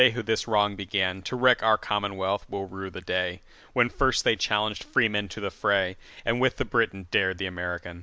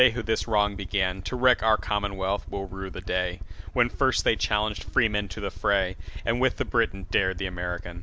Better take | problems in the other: first | background sound (Aircraft); 8 dB below the speech

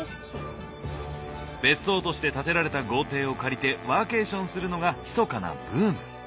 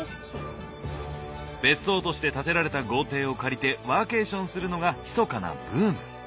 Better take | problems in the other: second | background sound (Wind instrument, woodwind instrument); 19 dB below the speech

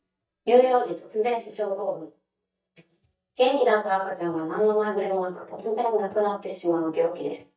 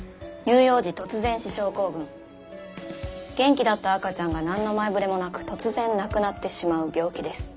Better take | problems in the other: second | noise reduction (neural mask model DeepFilterNet 3)

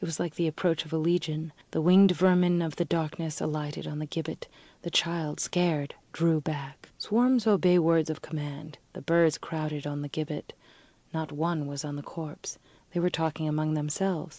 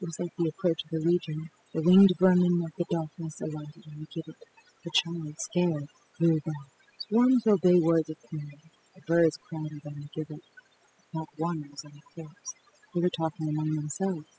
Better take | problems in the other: first | noise reduction (classical method spectral subtraction)

